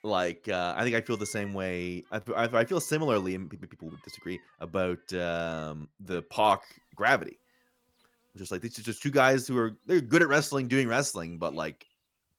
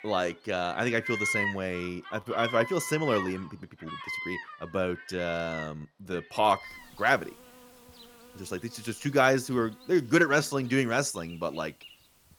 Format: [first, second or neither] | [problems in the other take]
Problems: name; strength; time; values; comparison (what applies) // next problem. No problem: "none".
first | animal sounds; loud; throughout; 8 dB below the speech; faint in the first